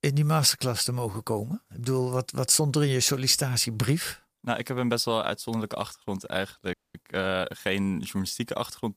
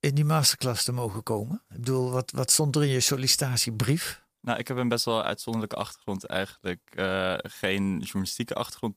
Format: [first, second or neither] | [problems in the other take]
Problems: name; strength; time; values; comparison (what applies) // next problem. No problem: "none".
second | audio freezing; at 6.5 s